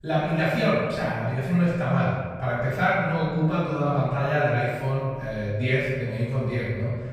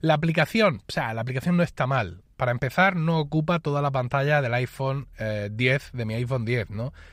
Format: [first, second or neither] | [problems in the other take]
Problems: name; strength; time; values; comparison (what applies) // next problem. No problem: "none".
second | room echo; strong; dies away in 1.5 s // off-mic speech; far